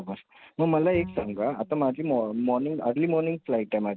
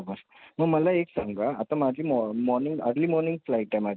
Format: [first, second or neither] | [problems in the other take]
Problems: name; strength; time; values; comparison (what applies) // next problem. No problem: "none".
second | background sound (Bowed string instrument); 18 dB below the speech